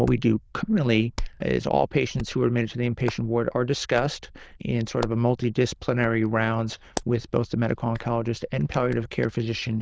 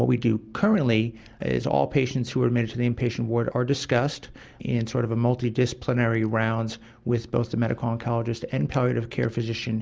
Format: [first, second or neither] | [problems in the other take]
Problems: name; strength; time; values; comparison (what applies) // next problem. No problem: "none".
second | noise reduction (neural diffusion model UNIVERSE++)